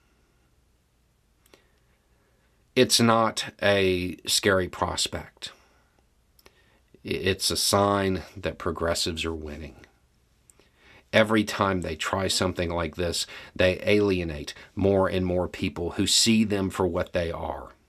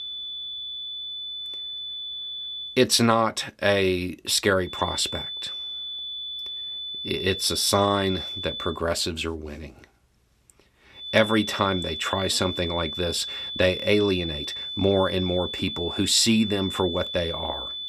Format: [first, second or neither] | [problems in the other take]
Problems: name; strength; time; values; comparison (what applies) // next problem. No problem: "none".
first | high-pitched whine; loud; until 2.5 s, from 4.5 to 8.5 s and from 11 s on; 3.5 kHz, 7 dB below the speech